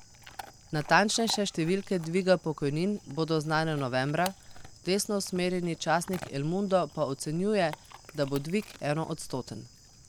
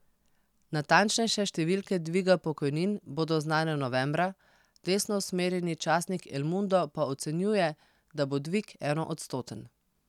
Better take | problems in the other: second | background sound (Bird / Insect + Chewing, mastication / Dog); 17 dB below the speech

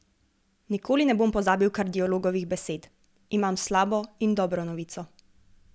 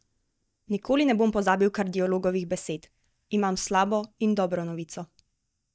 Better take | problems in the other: first | noise reduction (neural mask model DeepFilterNet 3)

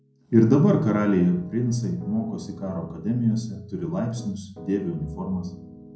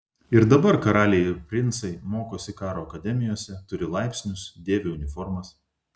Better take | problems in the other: second | background sound (Piano); 19 dB below the speech // room echo; dies away in 0.6 s

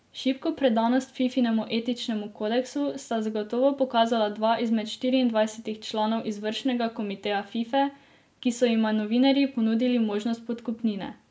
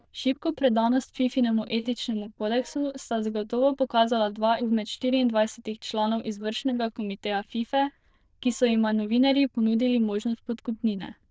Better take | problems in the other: first | noise reduction (neural diffusion model UNIVERSE++)

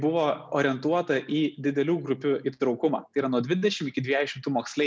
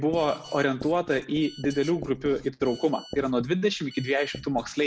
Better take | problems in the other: first | background sound (Telephone + Writing); 17 dB below the speech

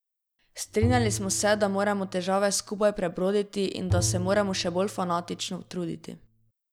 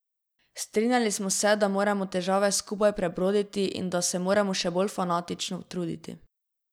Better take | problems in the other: second | background sound (Bowed string instrument); 7 dB below the speech

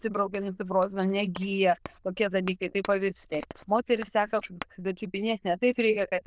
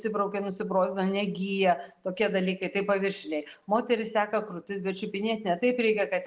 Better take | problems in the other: second | noise reduction (neural diffusion model UNIVERSE++)

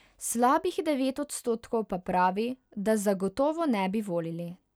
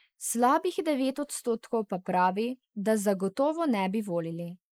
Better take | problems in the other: first | noise reduction (neural mask model Resemble Enhance denoiser)

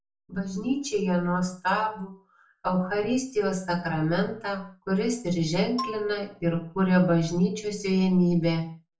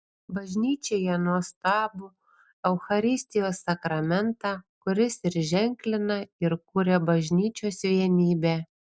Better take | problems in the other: second | background sound (Marimba, xylophone); 14 dB below the speech // room echo; dies away in 0.3 s

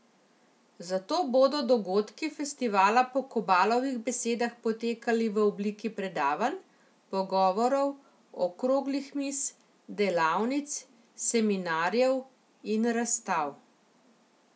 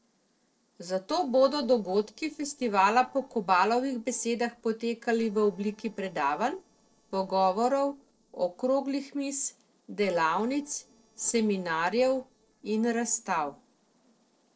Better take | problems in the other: first | noise reduction (neural separator model SepFormer DNS4)

